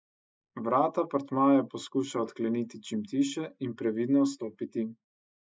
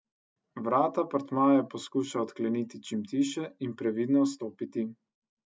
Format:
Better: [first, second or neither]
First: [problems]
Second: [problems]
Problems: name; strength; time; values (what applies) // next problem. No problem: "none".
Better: second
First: noise reduction (neural mask model Resemble Enhance denoiser)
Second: none